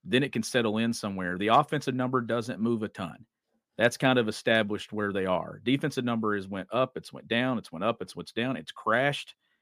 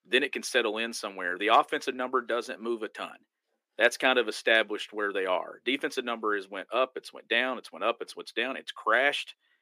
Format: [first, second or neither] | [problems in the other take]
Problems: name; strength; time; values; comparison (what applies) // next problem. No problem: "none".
first | thin; somewhat; fading below 350 Hz